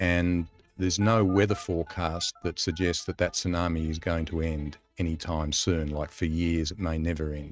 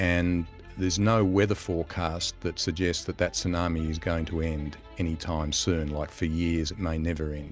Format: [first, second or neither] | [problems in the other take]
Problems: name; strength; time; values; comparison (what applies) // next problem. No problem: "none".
second | noise reduction (neural mask model RNNoise)